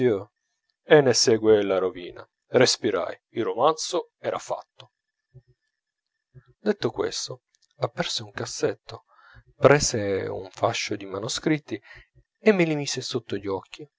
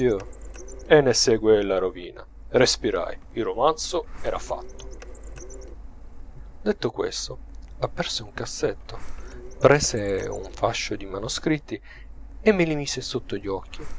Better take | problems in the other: first | background sound (Printer); 12 dB below the speech

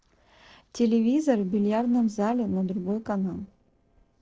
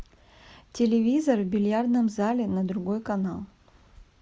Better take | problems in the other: second | noise reduction (neural separator model SepFormer DNS4)

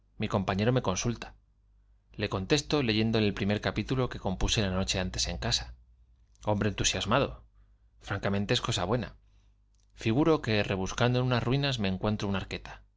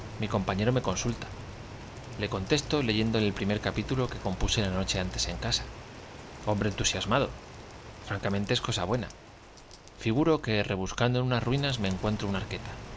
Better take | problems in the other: first | background sound (Rain); 13 dB below the speech

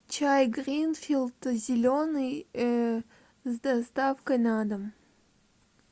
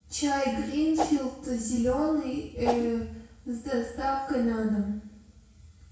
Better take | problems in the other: first | background sound (Whoosh, swoosh, swish); 2 dB below the speech // room echo; dies away in 0.6 s

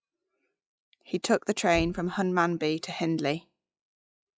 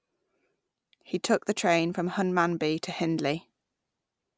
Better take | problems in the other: second | noise reduction (classical method log-MMSE)

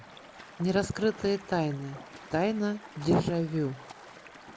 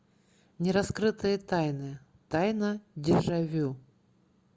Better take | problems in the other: second | background sound (Stream); 18 dB below the speech

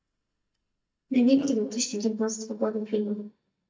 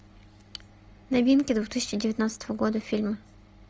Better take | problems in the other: second | noise reduction (neural mask model DeepFilterNet 3)

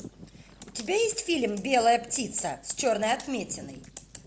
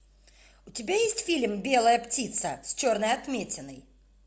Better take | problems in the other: second | background sound (Computer keyboard + Bird vocalization, bird call, bird song); 19 dB below the speech

